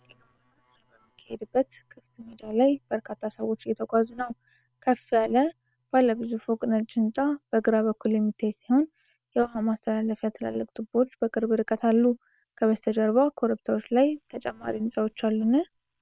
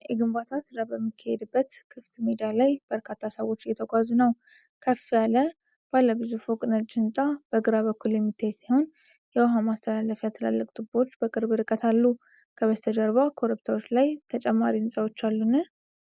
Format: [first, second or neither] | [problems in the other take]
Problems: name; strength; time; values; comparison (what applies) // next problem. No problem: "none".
second | noise reduction (neural separator model SepFormer WHAM!)